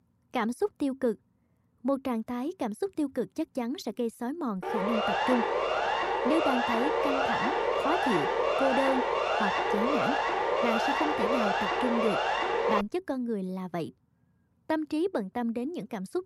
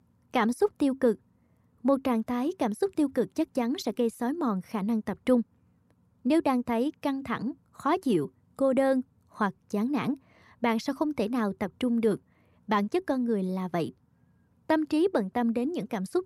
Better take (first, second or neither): second